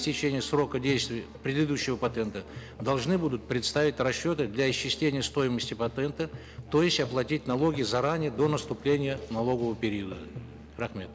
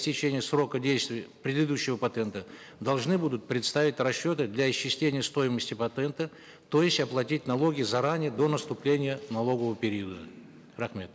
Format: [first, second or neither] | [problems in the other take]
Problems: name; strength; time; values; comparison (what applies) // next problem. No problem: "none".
second | background sound (Musical instrument); 16 dB below the speech